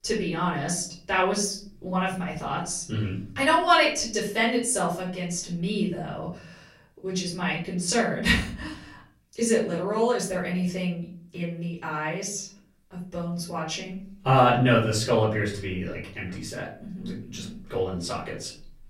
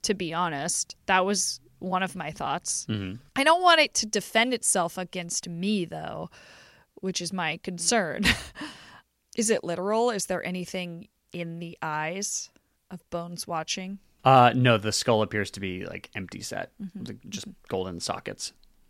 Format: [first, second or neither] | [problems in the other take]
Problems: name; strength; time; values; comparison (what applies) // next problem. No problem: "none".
second | off-mic speech; far // room echo; slight; dies away in 0.6 s